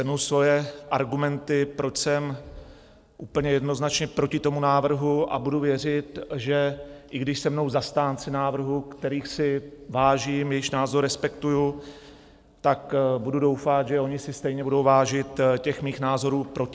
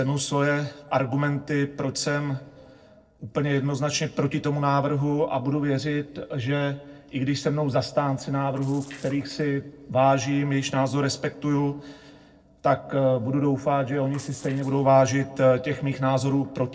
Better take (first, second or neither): first